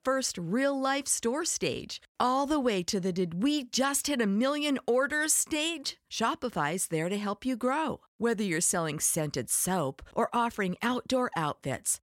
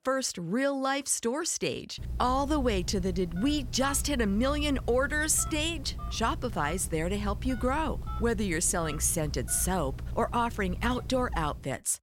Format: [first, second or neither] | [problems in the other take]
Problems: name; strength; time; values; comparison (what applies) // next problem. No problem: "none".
first | phone ringing; noticeable; from 2 s on; peak 7 dB below the speech